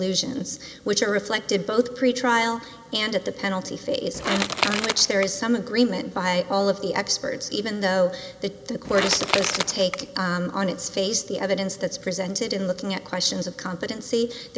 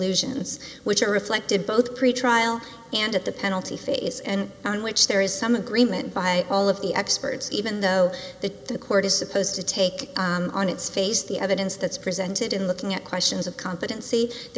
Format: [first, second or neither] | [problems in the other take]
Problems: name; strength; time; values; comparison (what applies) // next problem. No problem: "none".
second | background sound (Crushing / Wood); 3 dB below the speech